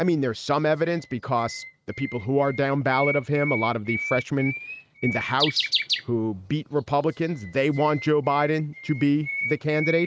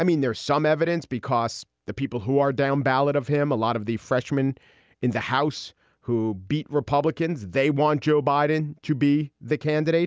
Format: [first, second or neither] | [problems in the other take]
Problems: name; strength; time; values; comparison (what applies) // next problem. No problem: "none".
second | noise reduction (neural mask model RNNoise)